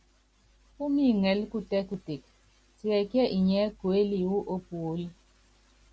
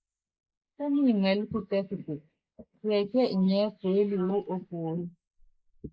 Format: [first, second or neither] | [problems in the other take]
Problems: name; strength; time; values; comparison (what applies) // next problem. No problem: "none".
first | noise reduction (neural mask model Resemble Enhance denoiser)